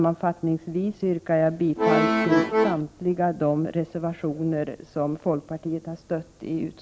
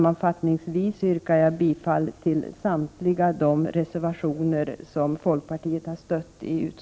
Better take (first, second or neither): second